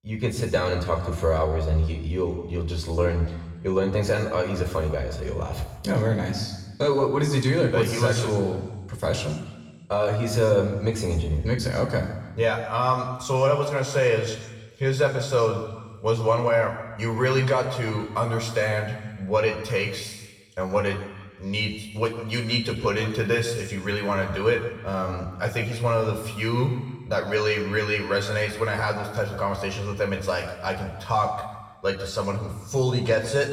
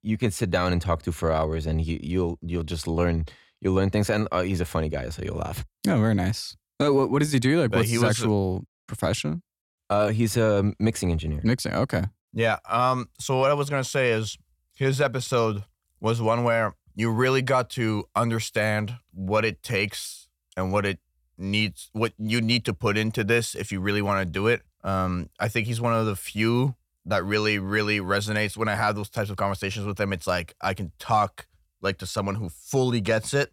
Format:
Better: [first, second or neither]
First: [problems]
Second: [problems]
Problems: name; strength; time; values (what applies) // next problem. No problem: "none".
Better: second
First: room echo; noticeable; dies away in 1.1 s // off-mic speech; somewhat distant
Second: none